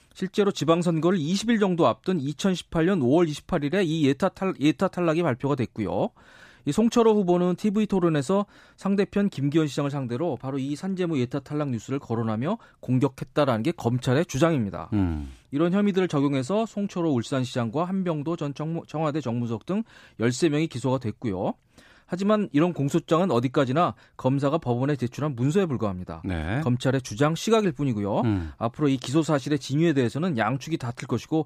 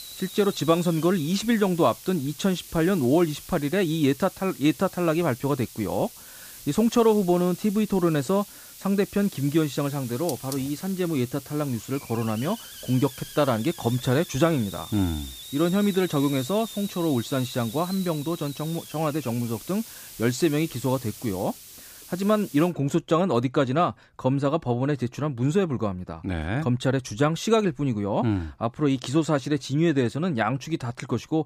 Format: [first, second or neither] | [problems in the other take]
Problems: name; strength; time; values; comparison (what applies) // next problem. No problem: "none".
first | hiss; noticeable; until 23 s; 15 dB below the speech